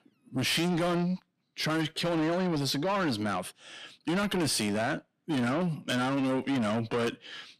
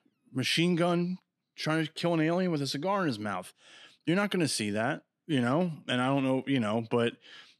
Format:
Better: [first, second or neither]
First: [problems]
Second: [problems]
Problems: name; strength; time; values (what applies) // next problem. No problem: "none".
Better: second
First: distortion; heavy; 6 dB below the speech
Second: none